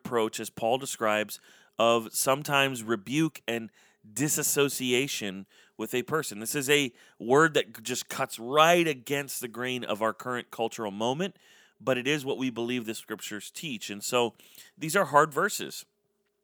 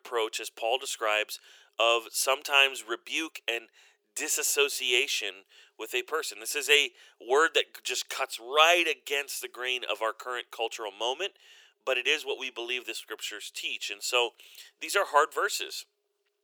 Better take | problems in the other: first | thin; very; fading below 400 Hz

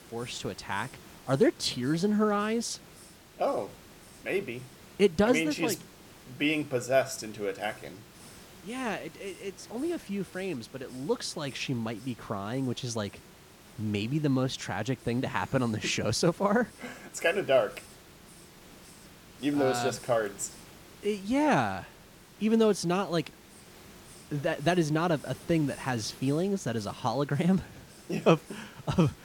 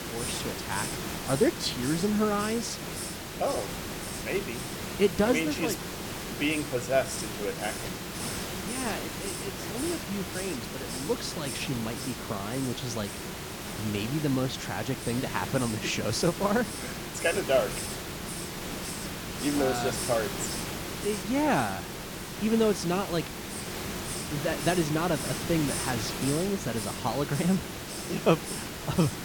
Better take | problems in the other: first | hiss; loud; throughout; 5 dB below the speech; faint in the first

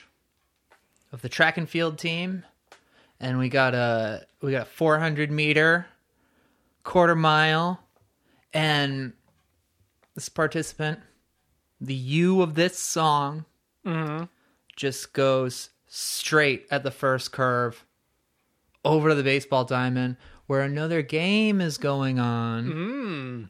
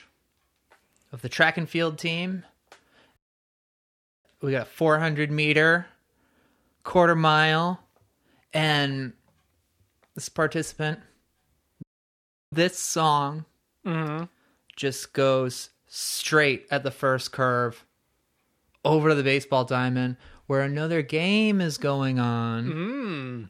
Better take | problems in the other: first | audio cutting out; at 3 s for 1 s and at 12 s for 0.5 s

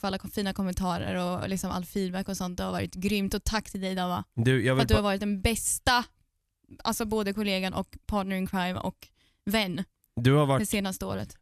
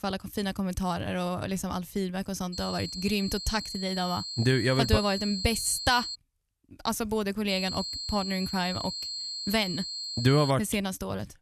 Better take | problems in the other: first | high-pitched whine; loud; from 2.5 to 6 s and from 7.5 to 11 s; 4 kHz, 5 dB below the speech

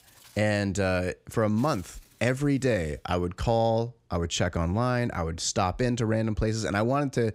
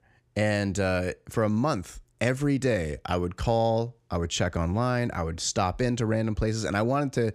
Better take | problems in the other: second | animal sounds; faint; until 4 s; 30 dB below the speech

